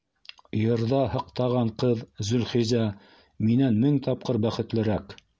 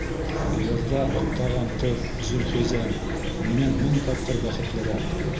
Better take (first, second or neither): first